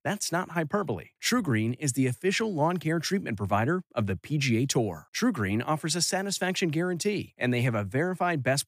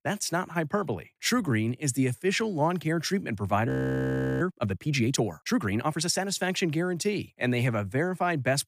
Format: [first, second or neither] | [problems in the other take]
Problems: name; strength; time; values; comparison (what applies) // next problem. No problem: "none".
first | audio freezing; at 3.5 s for 0.5 s